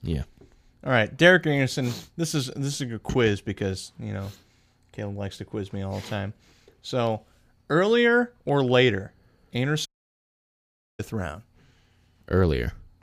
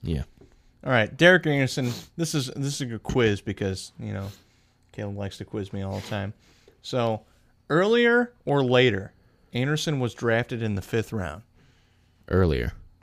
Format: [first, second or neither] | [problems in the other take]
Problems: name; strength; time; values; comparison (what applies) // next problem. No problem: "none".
second | audio cutting out; at 10 s for 1 s